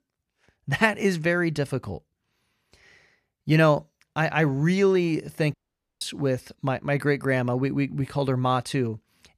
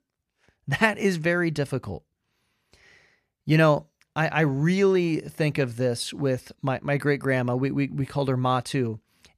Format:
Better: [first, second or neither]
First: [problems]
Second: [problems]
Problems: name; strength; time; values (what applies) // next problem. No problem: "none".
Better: second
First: audio cutting out; at 5.5 s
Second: none